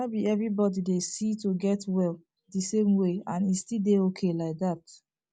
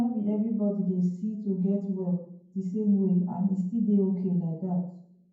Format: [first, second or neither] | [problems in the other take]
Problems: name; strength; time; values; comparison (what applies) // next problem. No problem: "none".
first | room echo; dies away in 0.9 s